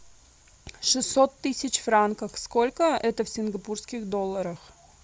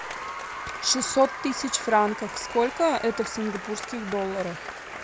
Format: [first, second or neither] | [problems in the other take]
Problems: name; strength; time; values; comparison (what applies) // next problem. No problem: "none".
first | background sound (Applause); 9 dB below the speech